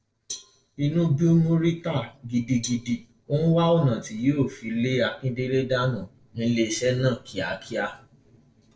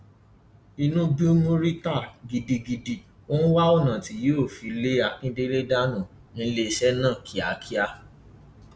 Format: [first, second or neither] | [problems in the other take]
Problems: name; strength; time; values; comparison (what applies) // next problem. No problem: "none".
second | noise reduction (neural separator model SepFormer DNS4)